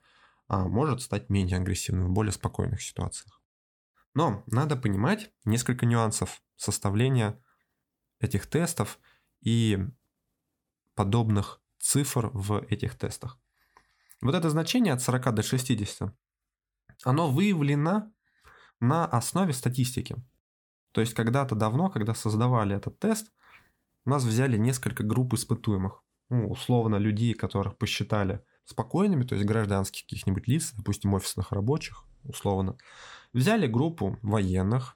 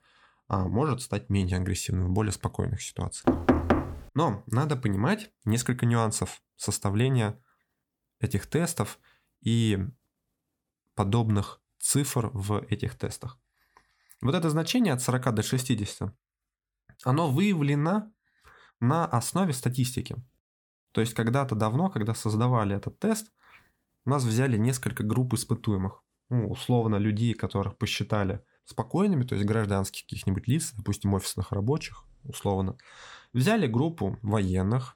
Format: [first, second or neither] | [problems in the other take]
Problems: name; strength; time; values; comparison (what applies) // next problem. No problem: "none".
first | door banging; loud; at 3.5 s; peak 4 dB above the speech